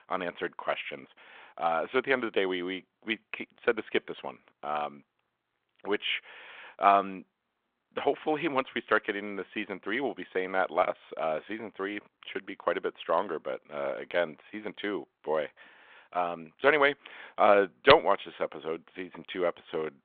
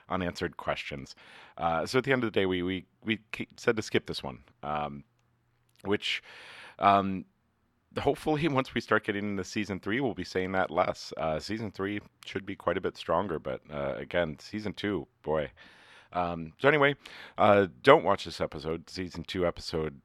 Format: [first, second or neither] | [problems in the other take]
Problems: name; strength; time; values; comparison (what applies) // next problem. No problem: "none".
second | phone-call audio; nothing above 4 kHz